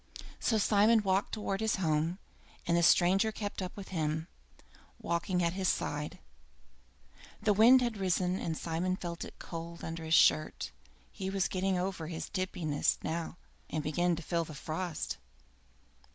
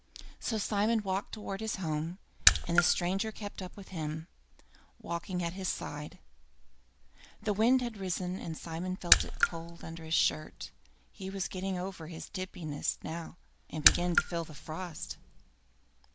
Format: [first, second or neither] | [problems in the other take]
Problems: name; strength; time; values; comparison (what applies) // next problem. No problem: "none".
first | background sound (Raindrop / Splash, splatter); 3 dB above the speech